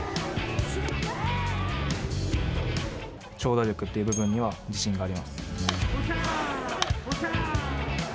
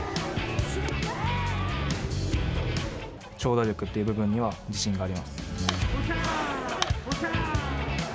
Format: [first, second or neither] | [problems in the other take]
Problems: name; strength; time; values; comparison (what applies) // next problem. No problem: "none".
second | background sound (Bell); 14 dB below the speech